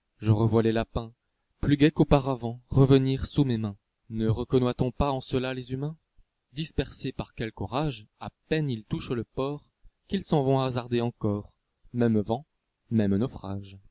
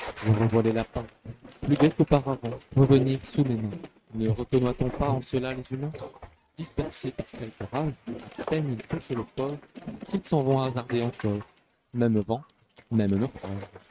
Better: first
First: none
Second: noise reduction (neural mask model RNNoise)

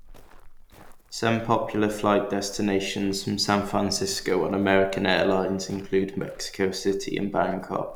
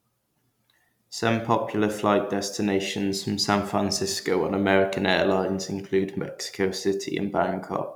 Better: second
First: background sound (Walk, footsteps); 19 dB below the speech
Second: none

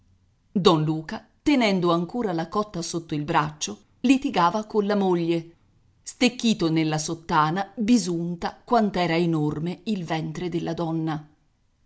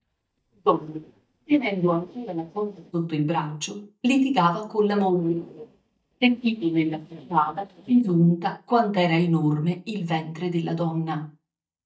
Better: first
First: none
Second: noise reduction (neural mask model DeepFilterNet 3)

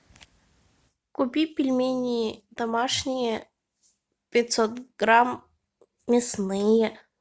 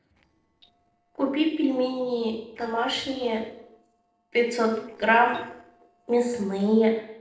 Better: first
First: none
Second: noise reduction (neural separator model SepFormer DNS4)

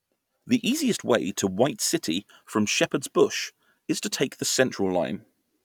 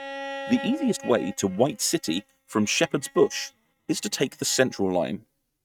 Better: first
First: none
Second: noise reduction (neural mask model RNNoise)

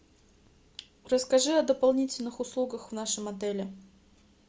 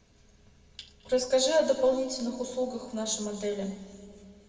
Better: first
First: none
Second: room echo; dies away in 2 s

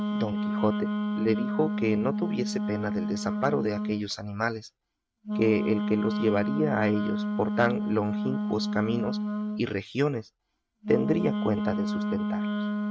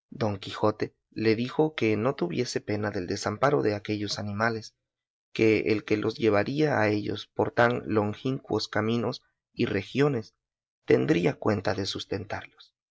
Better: second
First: noise reduction (neural mask model RNNoise)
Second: none

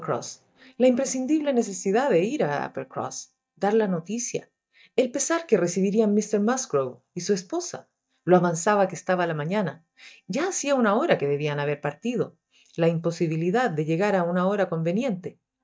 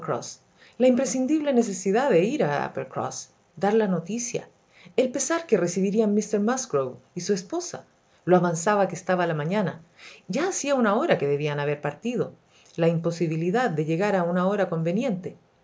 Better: second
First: noise reduction (neural mask model DeepFilterNet 3)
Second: none

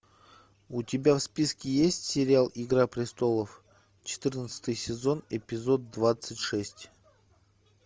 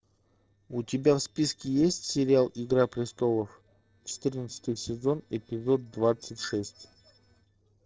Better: first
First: none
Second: noise reduction (neural separator model SepFormer DNS4)

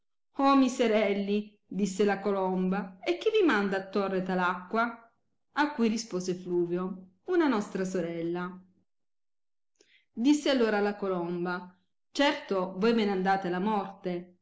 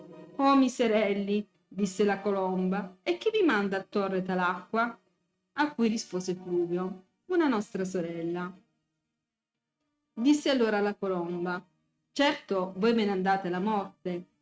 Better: first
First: none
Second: noise reduction (neural mask model RNNoise)

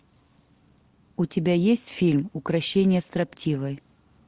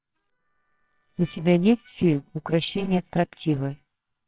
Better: first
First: none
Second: noise reduction (neural separator model SepFormer WHAMR!)

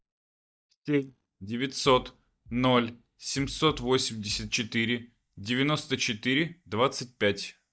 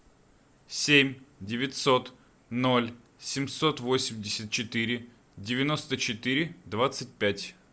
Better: second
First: noise reduction (neural mask model DeepFilterNet 3)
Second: none

